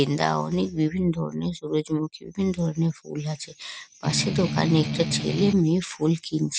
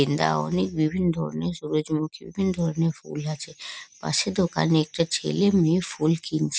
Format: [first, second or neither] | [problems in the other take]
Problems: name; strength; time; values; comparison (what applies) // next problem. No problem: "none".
second | background sound (Strum); 3 dB below the speech